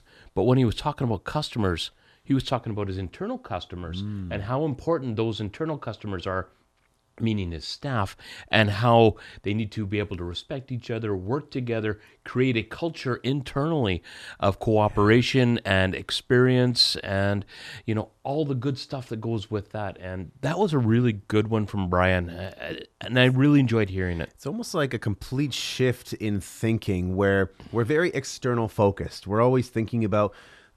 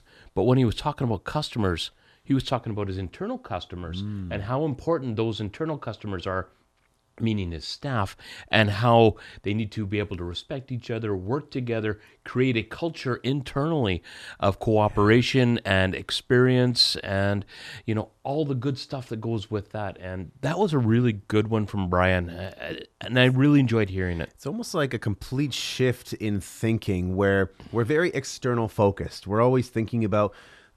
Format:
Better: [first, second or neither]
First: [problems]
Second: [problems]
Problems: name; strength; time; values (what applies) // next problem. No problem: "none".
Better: neither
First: none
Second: none